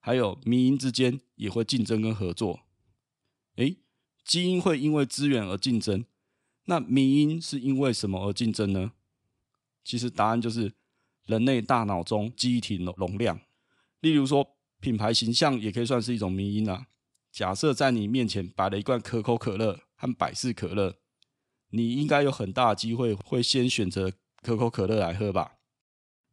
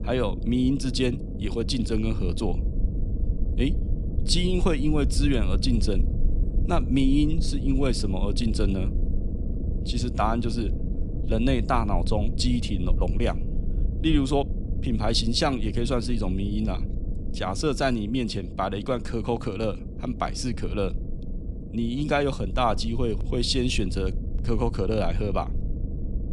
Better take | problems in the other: first | low rumble; noticeable; throughout; 15 dB below the speech

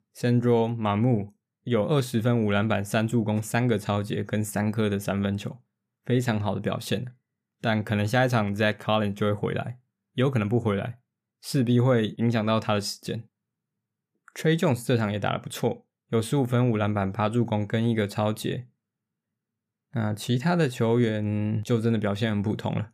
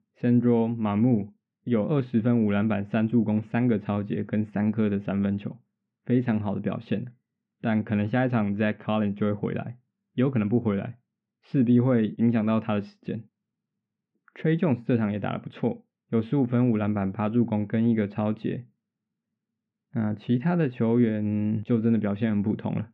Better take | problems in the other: first | muffled; very; fading above 2.5 kHz

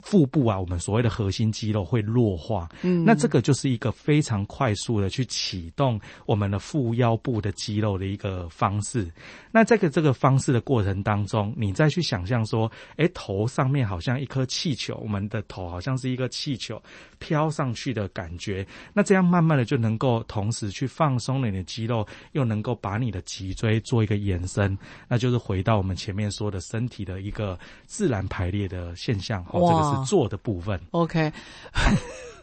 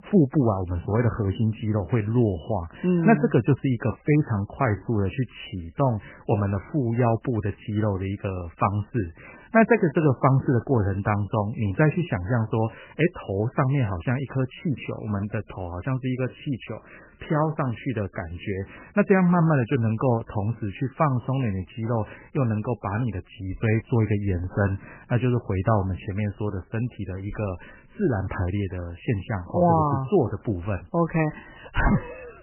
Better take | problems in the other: first | garbled, watery; badly; nothing above 3 kHz; slightly in the first

